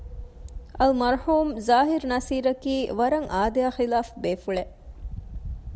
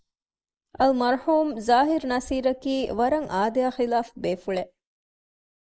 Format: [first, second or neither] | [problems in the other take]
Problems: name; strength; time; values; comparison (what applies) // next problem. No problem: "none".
first | noise reduction (neural mask model Resemble Enhance denoiser)